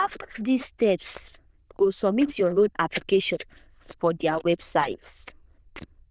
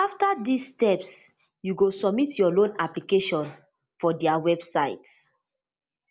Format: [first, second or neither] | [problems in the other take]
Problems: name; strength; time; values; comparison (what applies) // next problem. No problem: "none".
second | noise reduction (neural diffusion model UNIVERSE++)